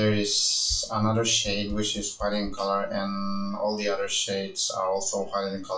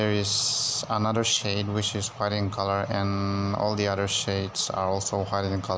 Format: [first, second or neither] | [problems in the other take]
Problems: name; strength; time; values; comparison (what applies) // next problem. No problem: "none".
second | noise reduction (classical method WPE with log-MMSE)